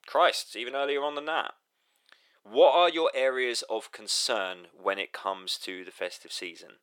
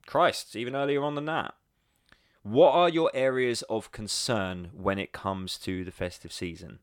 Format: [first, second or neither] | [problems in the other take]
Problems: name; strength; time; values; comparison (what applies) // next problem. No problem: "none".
second | thin; somewhat; fading below 400 Hz